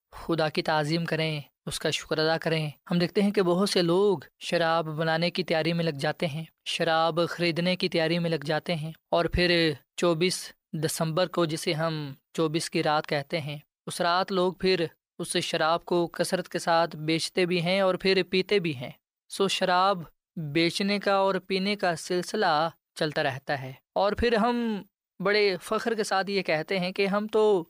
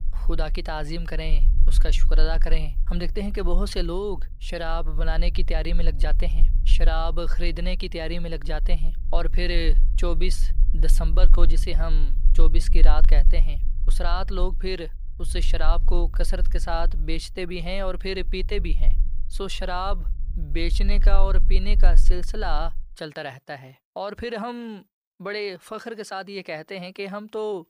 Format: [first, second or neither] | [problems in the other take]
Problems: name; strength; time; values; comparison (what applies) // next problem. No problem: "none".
first | low rumble; noticeable; until 23 s; 20 dB below the speech